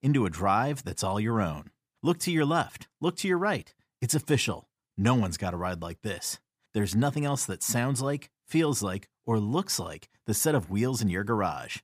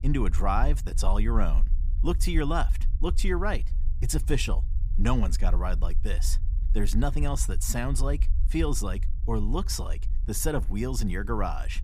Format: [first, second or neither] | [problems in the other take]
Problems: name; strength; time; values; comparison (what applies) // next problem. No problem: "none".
first | low rumble; noticeable; throughout; 20 dB below the speech